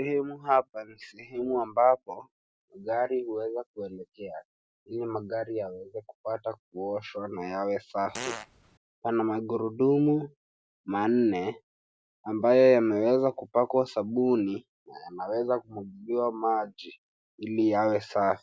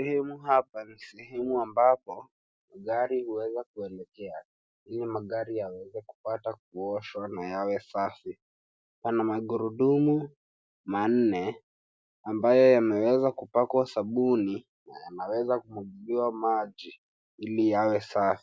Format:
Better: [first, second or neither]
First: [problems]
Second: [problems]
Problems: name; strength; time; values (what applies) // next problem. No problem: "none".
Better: second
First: background sound (Fart); 10 dB below the speech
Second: none